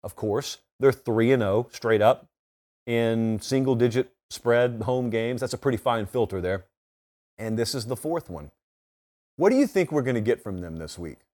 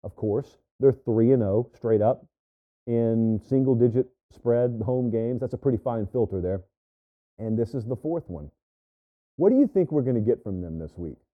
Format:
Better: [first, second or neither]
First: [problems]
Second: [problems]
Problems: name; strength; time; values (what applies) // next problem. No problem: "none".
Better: first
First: none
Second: muffled; very; fading above 1 kHz